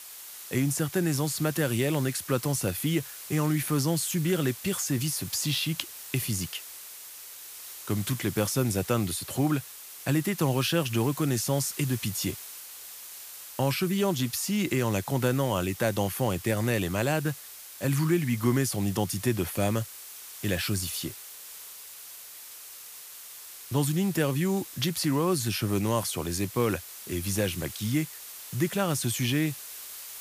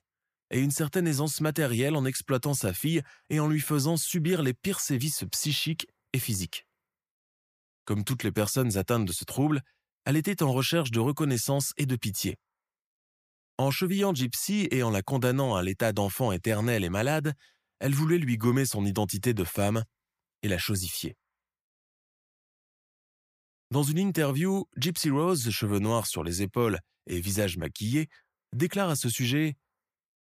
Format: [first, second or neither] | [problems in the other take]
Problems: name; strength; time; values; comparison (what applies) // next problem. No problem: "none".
second | hiss; noticeable; throughout; 10 dB below the speech